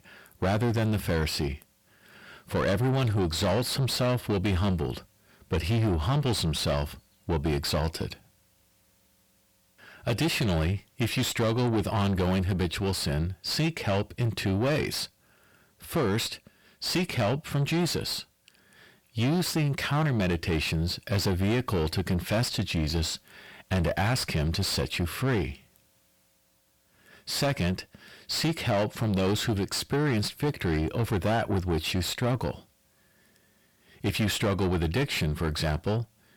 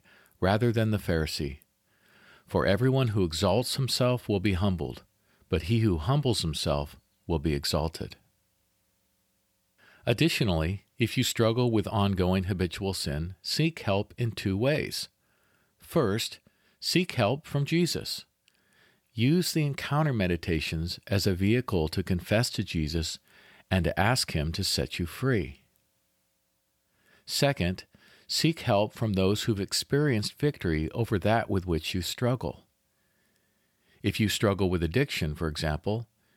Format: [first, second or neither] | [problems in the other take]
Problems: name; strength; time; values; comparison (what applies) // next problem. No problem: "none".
second | distortion; heavy; 7 dB below the speech